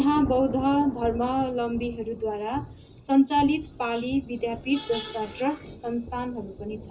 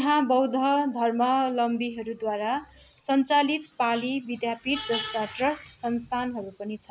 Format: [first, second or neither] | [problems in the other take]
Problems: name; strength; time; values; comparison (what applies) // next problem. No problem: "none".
second | background sound (Thunder / Rain); 14 dB below the speech // room echo; dies away in 0.2 s